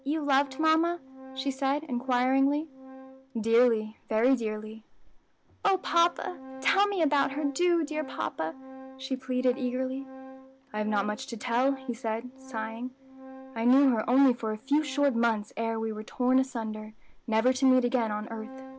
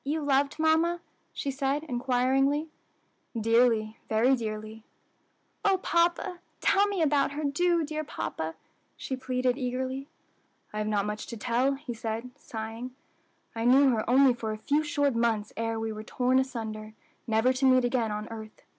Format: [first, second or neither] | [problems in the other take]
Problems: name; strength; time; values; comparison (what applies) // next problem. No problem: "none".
second | background sound (Organ); 19 dB below the speech